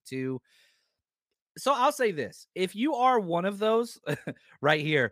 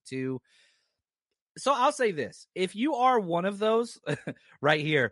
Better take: first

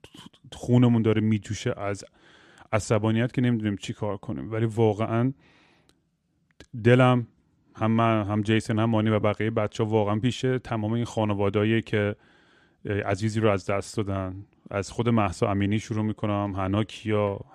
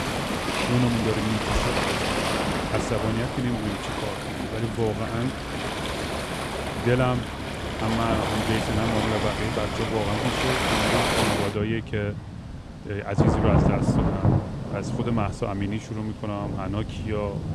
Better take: first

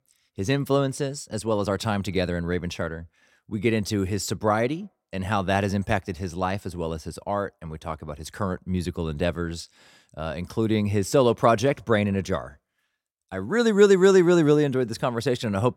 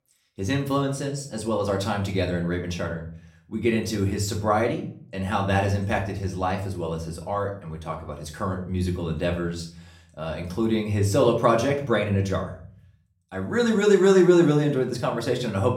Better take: first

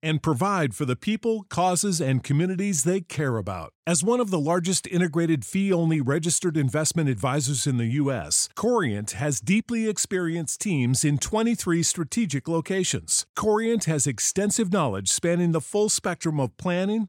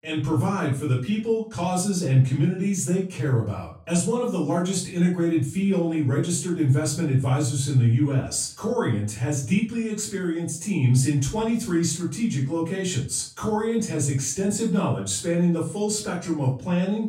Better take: first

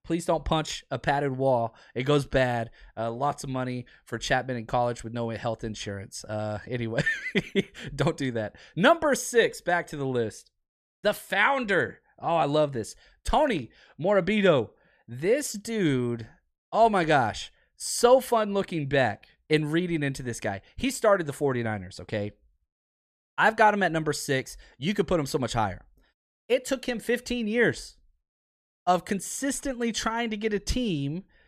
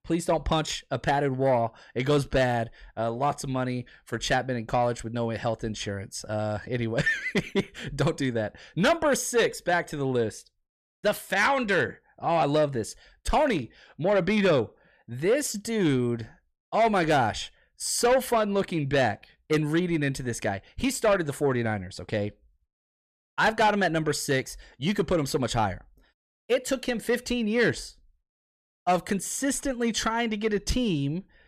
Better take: first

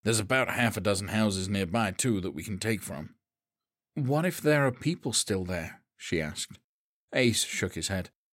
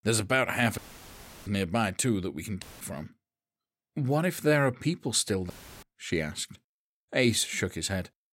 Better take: first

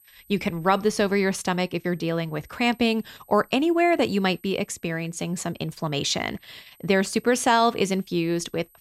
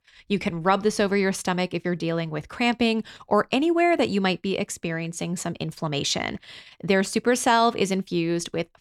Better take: second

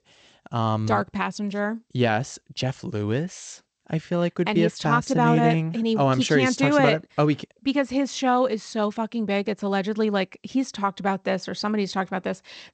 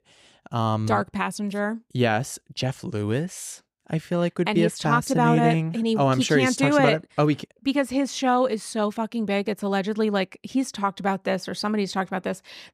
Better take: second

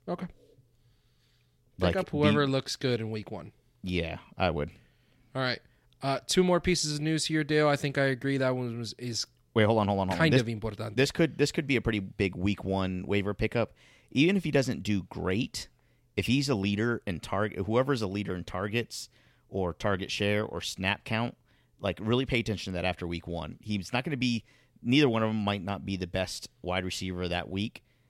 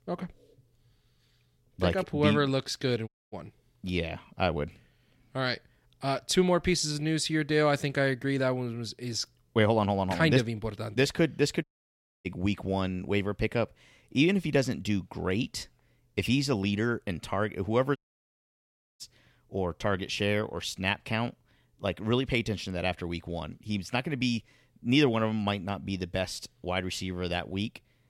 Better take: first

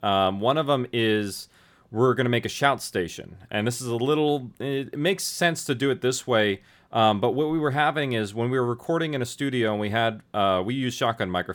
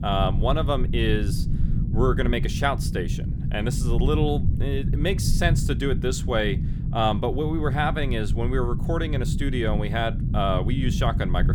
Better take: first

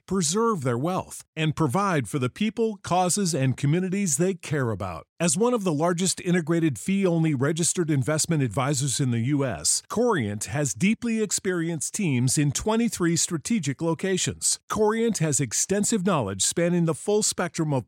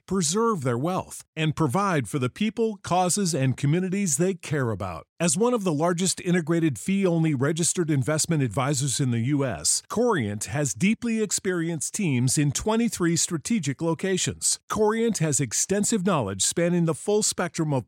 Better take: neither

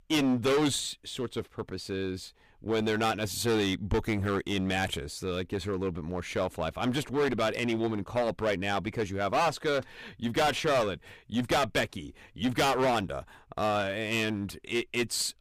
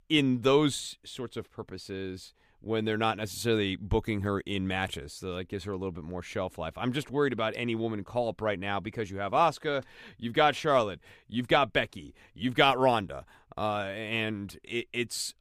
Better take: second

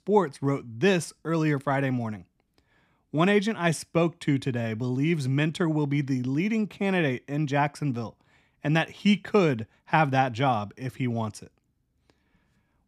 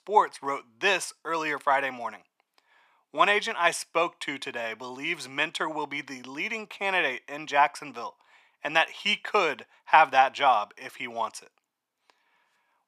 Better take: first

